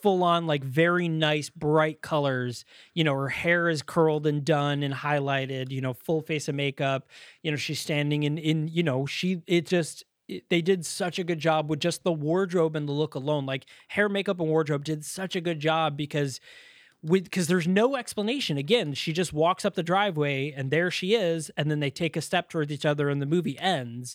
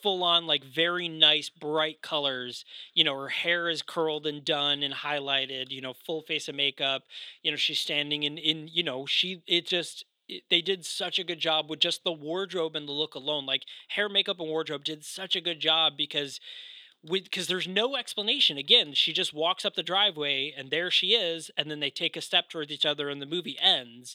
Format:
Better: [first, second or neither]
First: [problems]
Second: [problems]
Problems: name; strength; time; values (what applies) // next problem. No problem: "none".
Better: first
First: none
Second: thin; somewhat; fading below 300 Hz